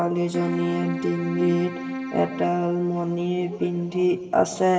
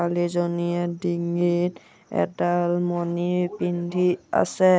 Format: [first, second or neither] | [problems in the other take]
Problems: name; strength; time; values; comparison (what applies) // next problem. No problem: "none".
second | background sound (Keyboard (musical)); 10 dB below the speech // room echo; dies away in 2.3 s